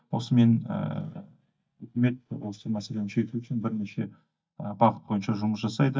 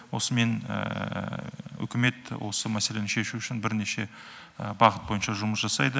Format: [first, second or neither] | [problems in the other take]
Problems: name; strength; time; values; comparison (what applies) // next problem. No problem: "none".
second | noise reduction (neural mask model DeepFilterNet 3)